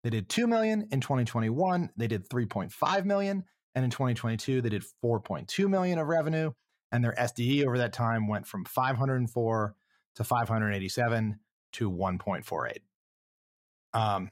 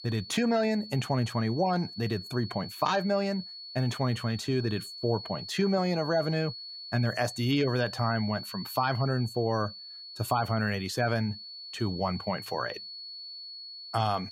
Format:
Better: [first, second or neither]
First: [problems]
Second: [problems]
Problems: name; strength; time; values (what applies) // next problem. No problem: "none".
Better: first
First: none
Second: high-pitched whine; noticeable; throughout; 4.5 kHz, 10 dB below the speech